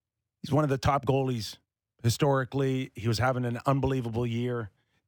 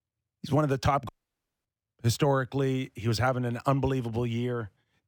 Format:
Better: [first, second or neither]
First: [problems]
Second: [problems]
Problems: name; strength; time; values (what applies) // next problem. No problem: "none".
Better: first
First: none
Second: audio cutting out; at 1 s for 0.5 s